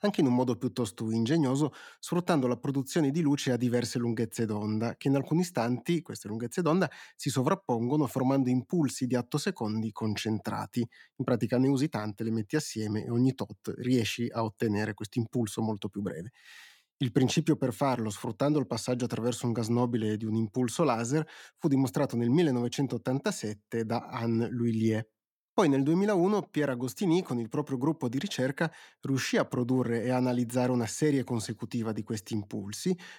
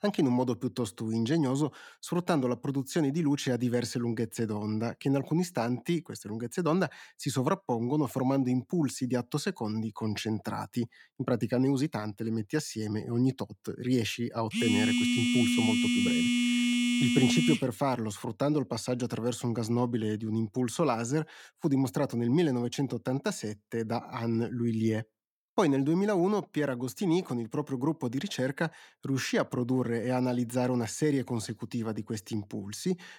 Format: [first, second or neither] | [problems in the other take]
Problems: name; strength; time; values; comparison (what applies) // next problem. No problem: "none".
first | phone ringing; loud; from 15 to 18 s; peak 4 dB above the speech